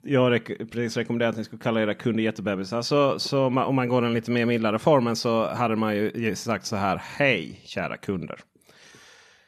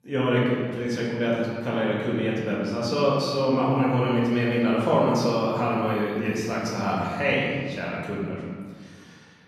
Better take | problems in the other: first | room echo; noticeable; dies away in 1.6 s // off-mic speech; far

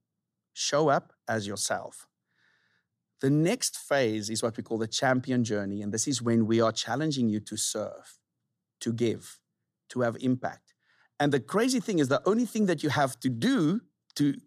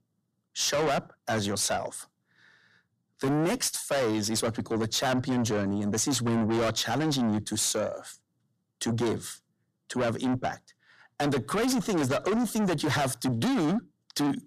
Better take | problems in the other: first | distortion; heavy; 6 dB below the speech

